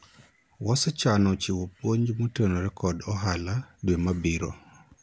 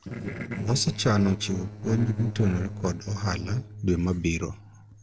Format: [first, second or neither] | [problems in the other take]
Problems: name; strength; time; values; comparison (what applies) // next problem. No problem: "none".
first | noise reduction (neural separator model SepFormer DNS4)